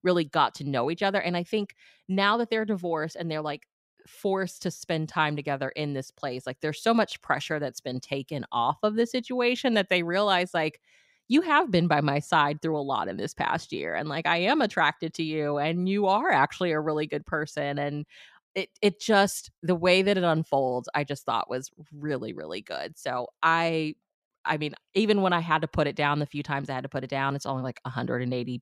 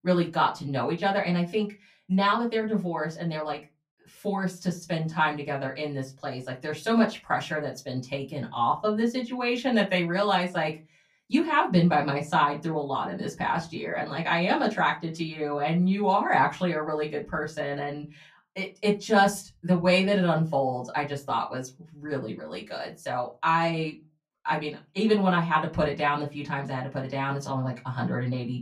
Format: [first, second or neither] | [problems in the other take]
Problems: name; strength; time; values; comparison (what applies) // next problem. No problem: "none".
first | off-mic speech; far // room echo; very slight; dies away in 0.2 s